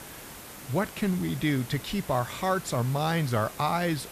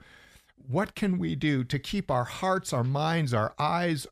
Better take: second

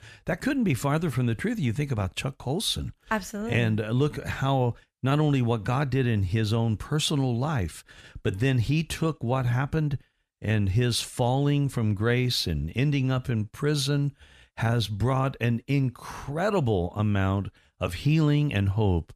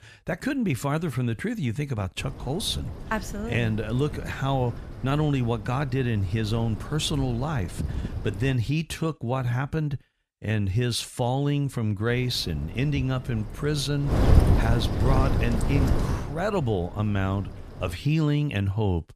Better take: first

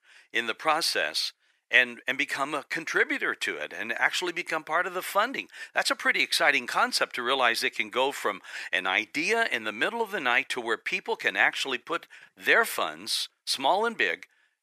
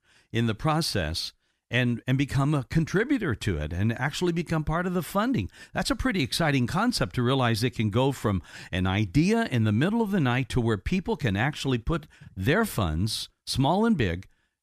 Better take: second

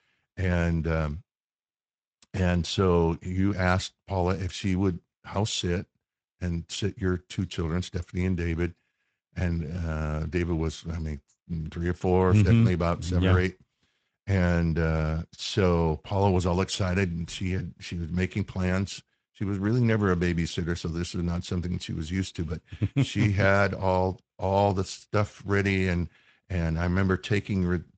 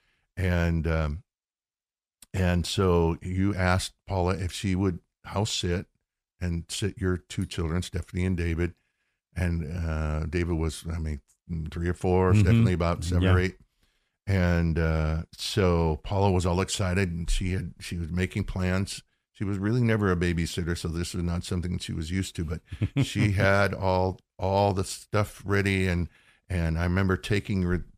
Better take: second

